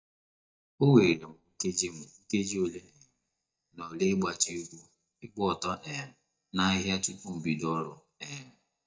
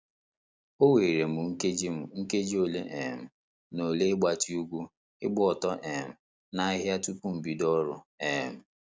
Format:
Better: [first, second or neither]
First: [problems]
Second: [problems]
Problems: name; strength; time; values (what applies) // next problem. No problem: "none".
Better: second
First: noise reduction (neural mask model DeepFilterNet 3)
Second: none